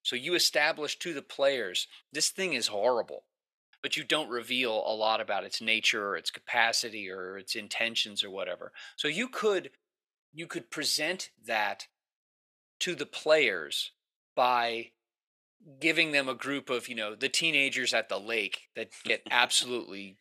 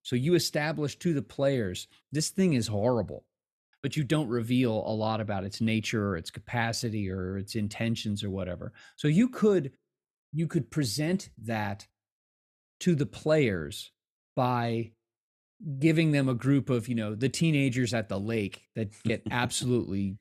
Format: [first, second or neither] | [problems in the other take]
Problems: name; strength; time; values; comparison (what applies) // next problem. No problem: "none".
second | thin; very; fading below 650 Hz